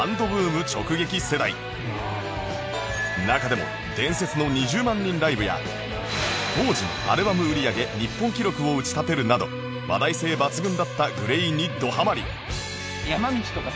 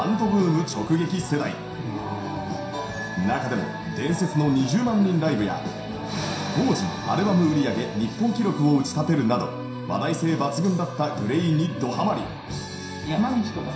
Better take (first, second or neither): first